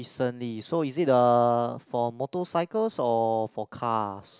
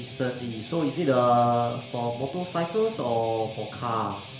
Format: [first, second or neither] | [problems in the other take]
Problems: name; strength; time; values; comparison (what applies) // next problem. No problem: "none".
first | background sound (Guitar); 16 dB below the speech // room echo; dies away in 1.2 s